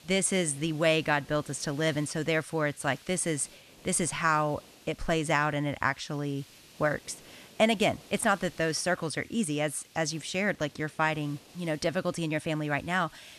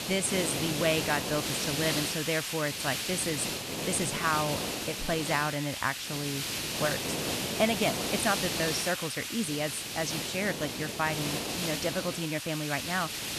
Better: first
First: hiss; faint; throughout; 25 dB below the speech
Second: hiss; loud; throughout; 1 dB below the speech

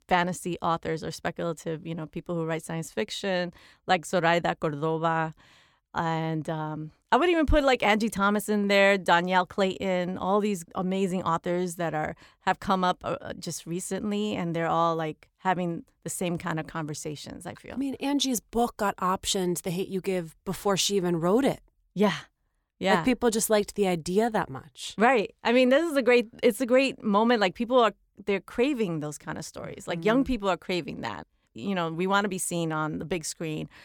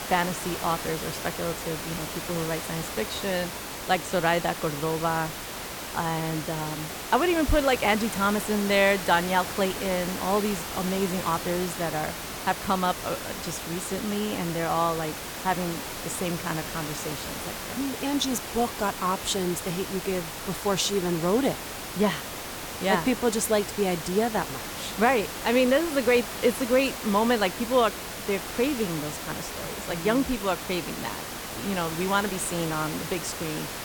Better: first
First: none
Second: hiss; loud; throughout; 6 dB below the speech

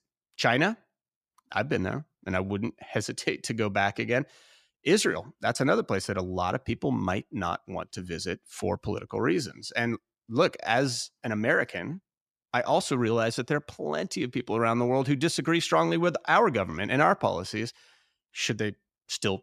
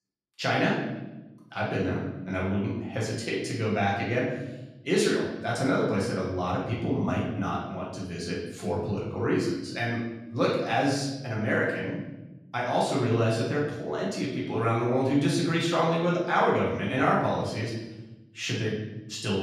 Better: first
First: none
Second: off-mic speech; far // room echo; noticeable; dies away in 1.1 s

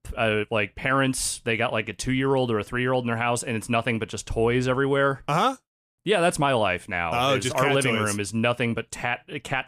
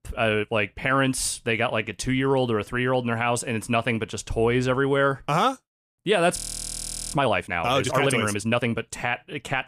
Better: first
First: none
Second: audio freezing; at 6.5 s for 1 s

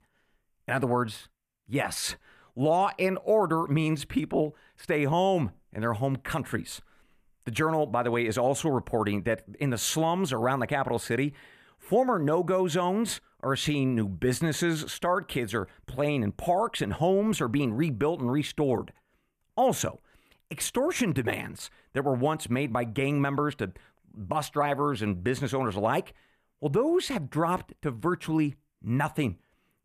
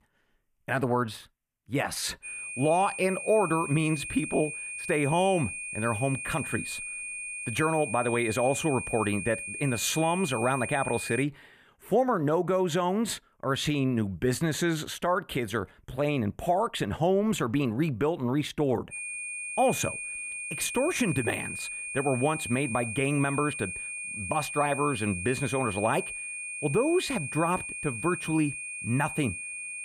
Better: first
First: none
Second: high-pitched whine; loud; from 2 to 11 s and from 19 s on; 2.5 kHz, 6 dB below the speech

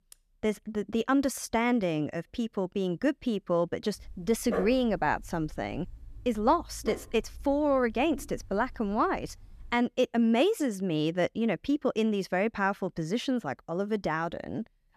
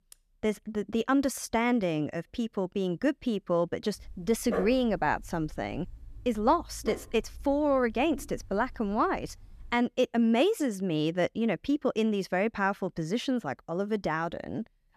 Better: neither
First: dog barking; noticeable; from 4 to 9.5 s; peak 5 dB below the speech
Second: dog barking; noticeable; from 4 to 9.5 s; peak 5 dB below the speech

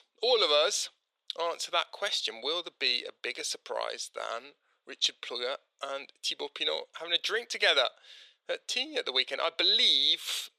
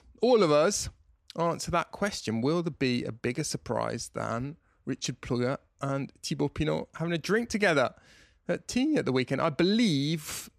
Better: second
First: thin; very; fading below 500 Hz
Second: none

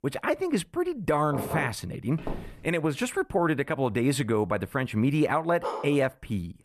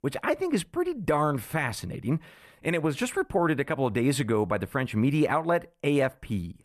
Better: second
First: door banging; noticeable; at 1.5 s; peak 5 dB below the speech // footsteps; faint; at 2 s; peak 10 dB below the speech // dog barking; noticeable; at 5.5 s; peak 7 dB below the speech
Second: none

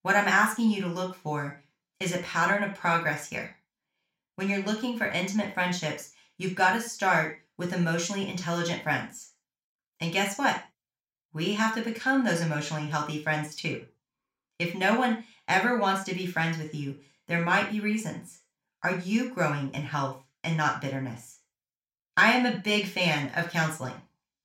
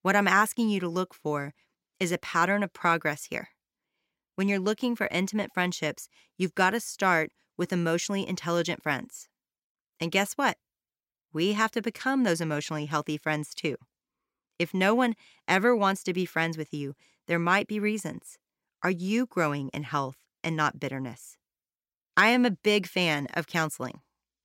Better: second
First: room echo; slight; dies away in 0.3 s // off-mic speech; somewhat distant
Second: none

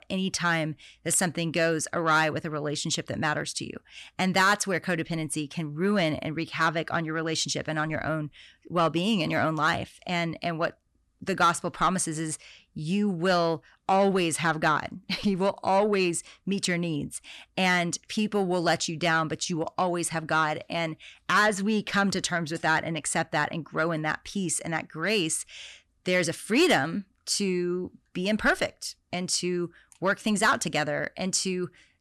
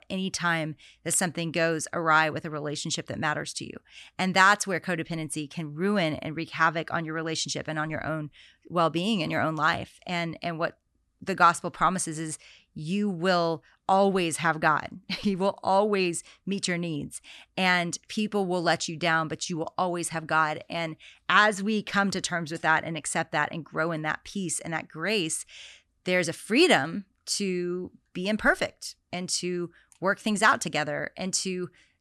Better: second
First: distortion; slight; 10 dB below the speech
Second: none

